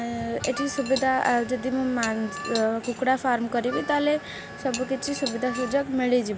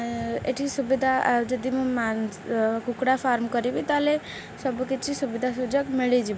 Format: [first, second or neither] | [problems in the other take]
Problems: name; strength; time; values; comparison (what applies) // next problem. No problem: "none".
second | background sound (Harmonica + Cutlery, silverware / Dishes, pots, and pans); 13 dB below the speech